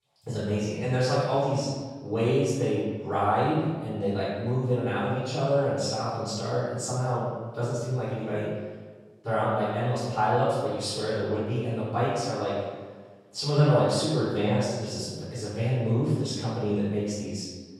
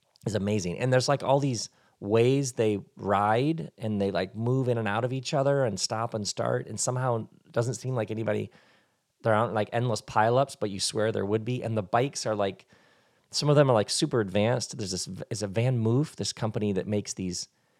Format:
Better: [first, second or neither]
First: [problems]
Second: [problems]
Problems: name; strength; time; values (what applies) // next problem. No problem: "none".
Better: second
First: off-mic speech; far // room echo; strong; dies away in 1.2 s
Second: none